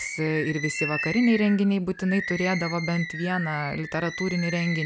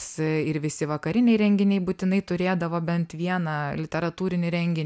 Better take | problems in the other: second | background sound (Bird); 8 dB below the speech

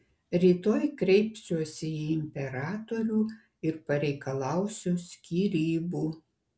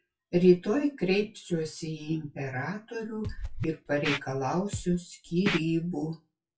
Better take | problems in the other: first | noise reduction (classical method WPE with log-MMSE)

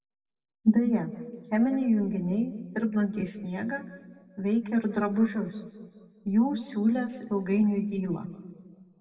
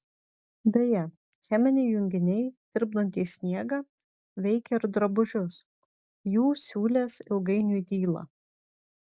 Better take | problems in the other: second | room echo; dies away in 1.6 s

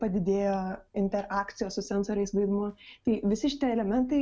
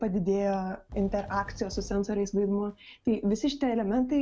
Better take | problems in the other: first | background sound (Fireworks); 18 dB below the speech

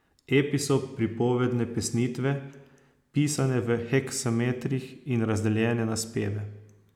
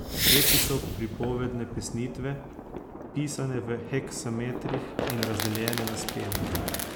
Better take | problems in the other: first | background sound (Fireworks); 2 dB above the speech

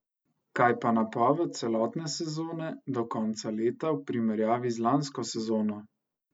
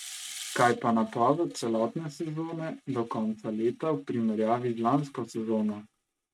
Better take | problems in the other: first | noise reduction (neural mask model RNNoise)

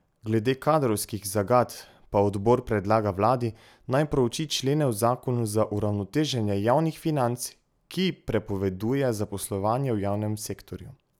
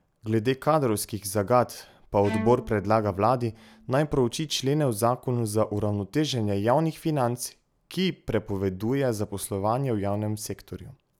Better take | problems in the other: first | background sound (Bowed string instrument); 14 dB below the speech

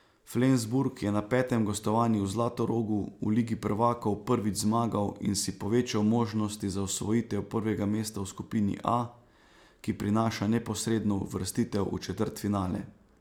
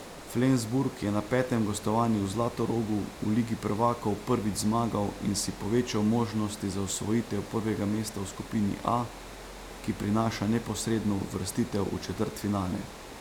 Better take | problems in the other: first | background sound (Water); 14 dB below the speech

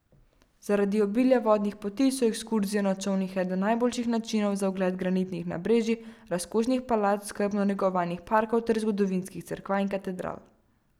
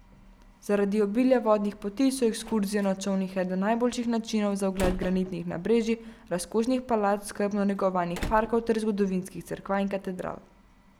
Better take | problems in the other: first | background sound (Slam); 16 dB below the speech

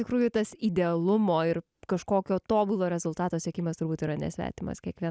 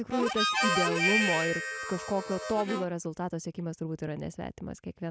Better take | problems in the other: first | background sound (Harmonica); 2 dB above the speech

